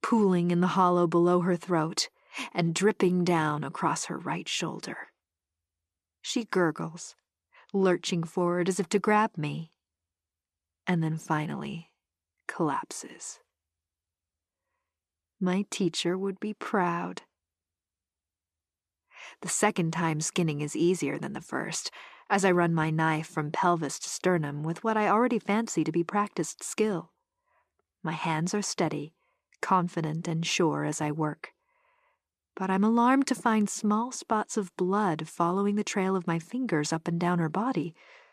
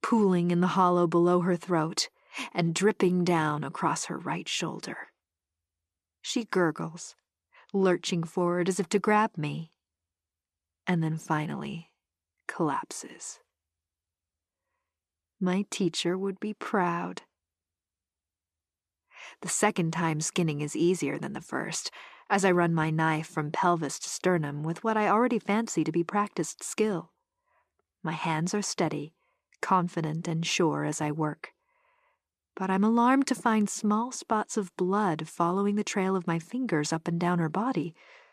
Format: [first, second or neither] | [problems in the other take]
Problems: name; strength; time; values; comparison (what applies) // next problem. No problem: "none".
neither | none